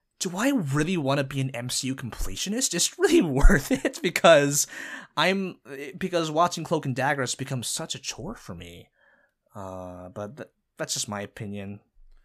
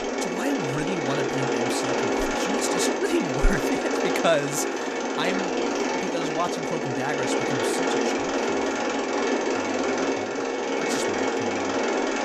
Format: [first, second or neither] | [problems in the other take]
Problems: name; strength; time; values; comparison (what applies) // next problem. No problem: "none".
first | machinery noise; very loud; throughout; 4 dB above the speech